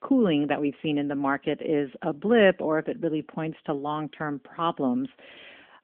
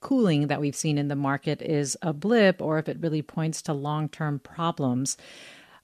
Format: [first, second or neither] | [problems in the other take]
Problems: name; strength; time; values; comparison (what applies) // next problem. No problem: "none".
second | phone-call audio; nothing above 3 kHz